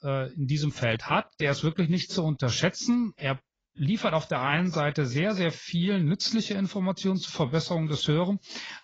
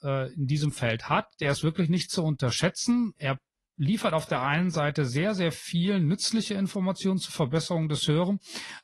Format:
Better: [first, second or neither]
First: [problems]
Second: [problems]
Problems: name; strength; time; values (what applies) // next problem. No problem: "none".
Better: second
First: garbled, watery; badly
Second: garbled, watery; slightly; nothing above 11 kHz